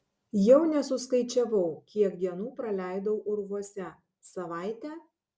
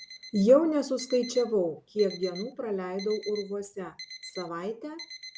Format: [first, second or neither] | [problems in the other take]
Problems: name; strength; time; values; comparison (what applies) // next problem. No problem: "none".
first | background sound (Alarm); 18 dB below the speech